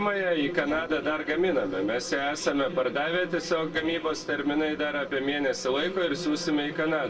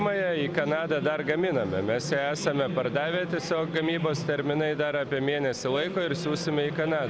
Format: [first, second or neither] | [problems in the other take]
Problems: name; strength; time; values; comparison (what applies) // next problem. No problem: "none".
second | noise reduction (neural separator model SepFormer DNS4)